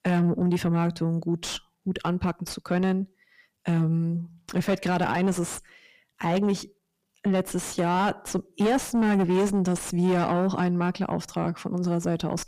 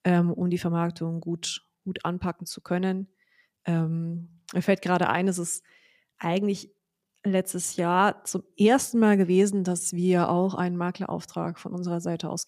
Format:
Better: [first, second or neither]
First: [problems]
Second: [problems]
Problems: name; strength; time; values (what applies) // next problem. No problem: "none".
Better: second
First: distortion; heavy; 7 dB below the speech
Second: none